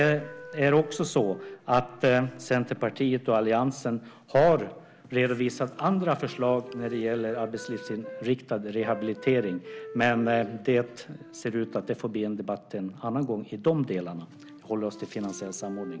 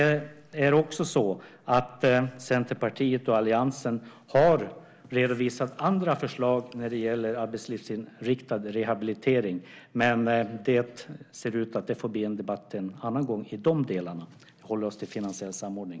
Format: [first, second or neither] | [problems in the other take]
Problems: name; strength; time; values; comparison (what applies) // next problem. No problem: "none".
second | background sound (Wind instrument, woodwind instrument); 18 dB below the speech